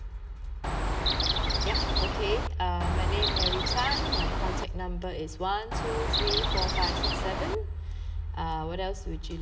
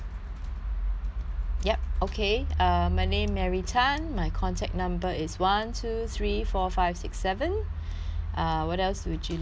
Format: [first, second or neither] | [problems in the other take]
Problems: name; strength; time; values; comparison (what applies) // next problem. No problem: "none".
second | background sound (Chirp, tweet); 1 dB above the speech // room echo; dies away in 1.7 s